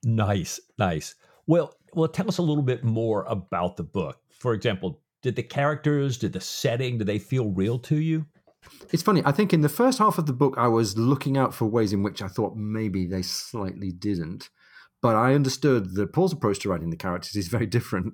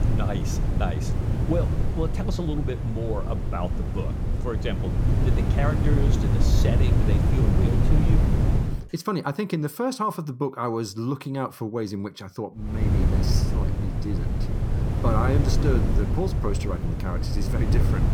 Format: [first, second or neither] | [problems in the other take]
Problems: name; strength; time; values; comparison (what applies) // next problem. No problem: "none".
first | wind noise on the microphone; heavy; until 8.5 s and from 13 s on; 3 dB below the speech